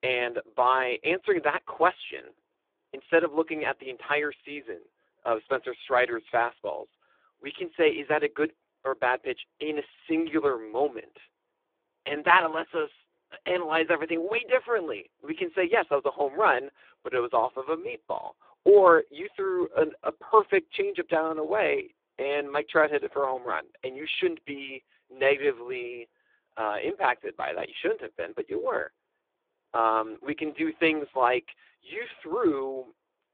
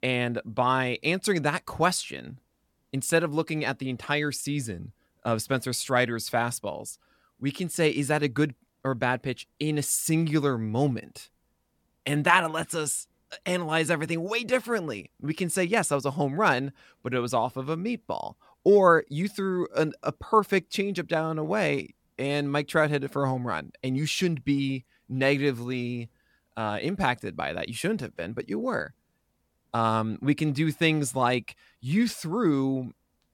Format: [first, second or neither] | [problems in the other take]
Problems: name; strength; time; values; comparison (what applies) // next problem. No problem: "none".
second | phone-call audio; poor line